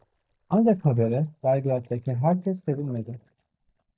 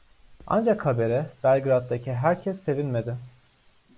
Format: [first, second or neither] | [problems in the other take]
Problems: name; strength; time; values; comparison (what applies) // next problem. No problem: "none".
second | noise reduction (neural mask model DeepFilterNet 3)